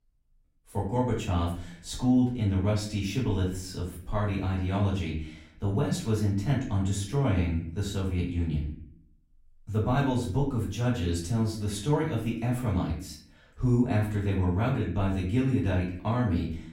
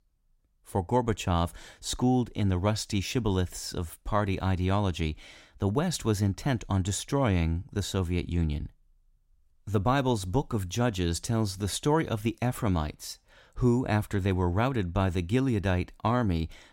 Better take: second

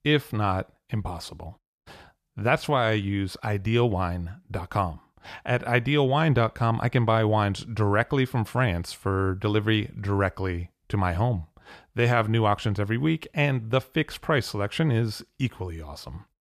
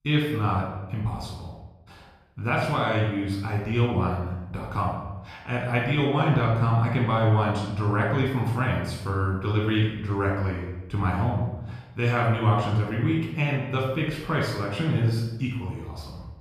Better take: first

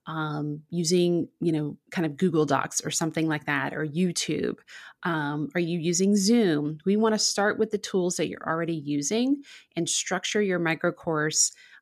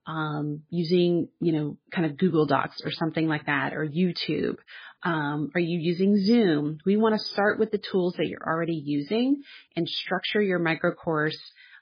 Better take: first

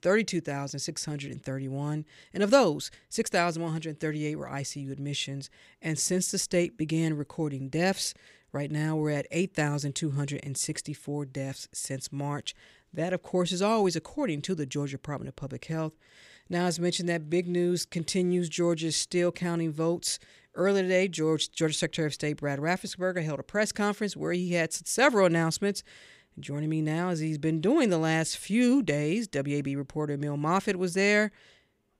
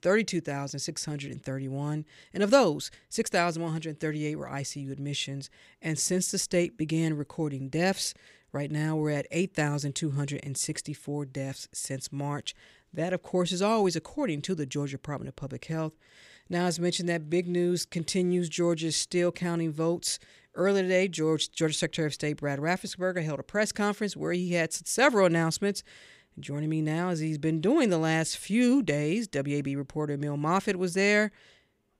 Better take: neither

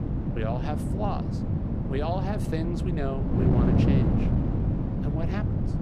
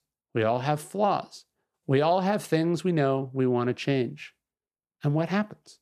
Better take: second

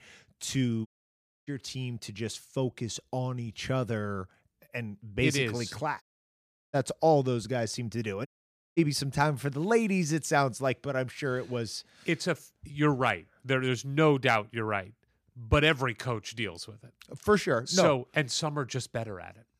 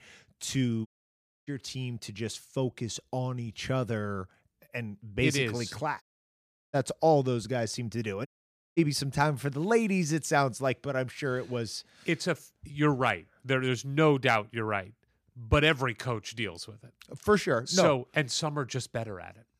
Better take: neither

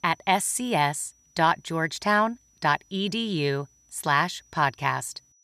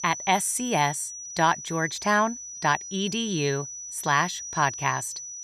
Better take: first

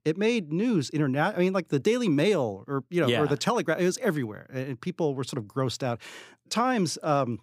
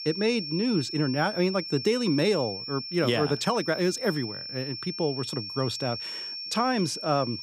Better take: first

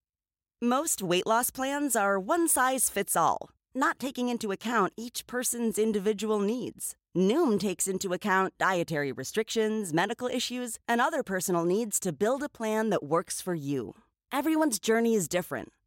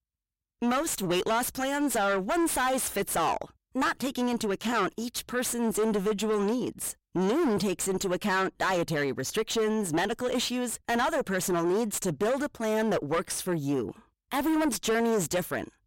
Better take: first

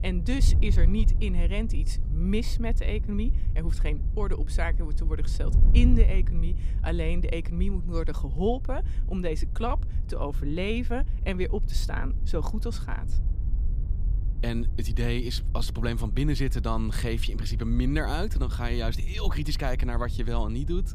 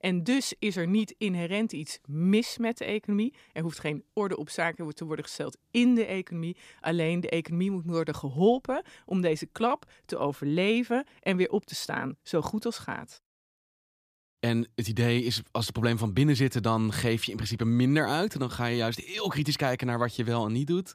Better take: second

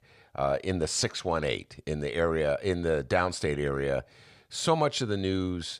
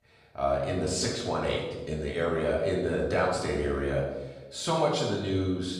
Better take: first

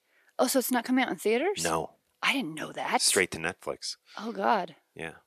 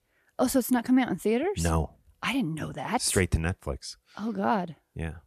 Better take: second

